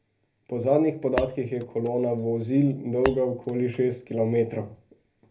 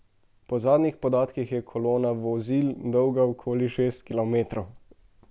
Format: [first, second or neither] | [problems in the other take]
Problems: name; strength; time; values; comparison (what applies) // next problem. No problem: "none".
second | background sound (Shatter); 11 dB below the speech // room echo; dies away in 0.3 s